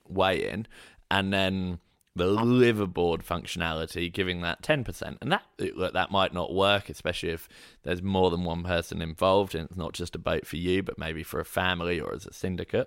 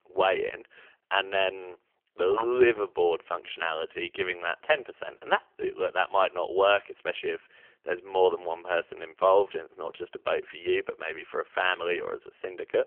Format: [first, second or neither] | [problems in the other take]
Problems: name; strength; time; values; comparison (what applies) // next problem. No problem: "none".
first | phone-call audio; poor line; nothing above 3 kHz